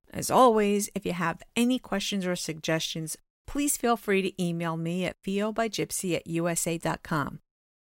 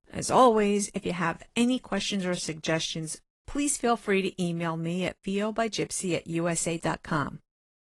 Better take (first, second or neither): first